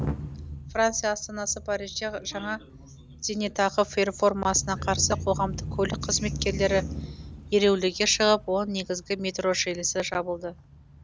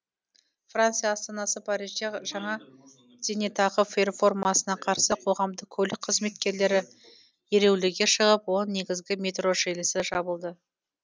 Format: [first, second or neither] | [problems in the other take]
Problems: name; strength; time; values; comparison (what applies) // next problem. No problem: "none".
second | background sound (Engine starting / Accelerating, revving, vroom / Motor vehicle (road)); 10 dB below the speech